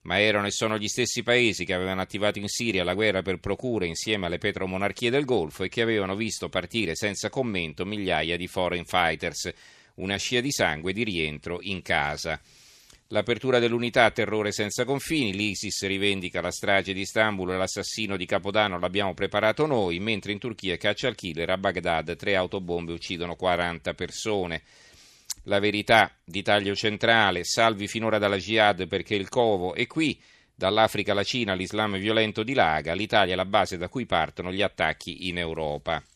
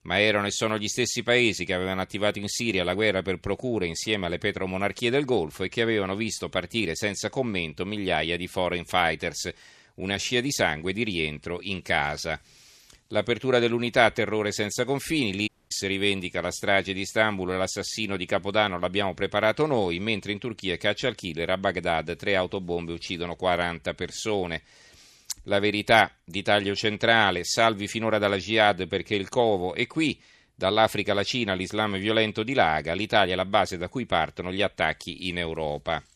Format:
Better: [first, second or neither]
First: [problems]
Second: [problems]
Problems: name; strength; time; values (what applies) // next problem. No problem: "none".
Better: first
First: none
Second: audio cutting out; at 15 s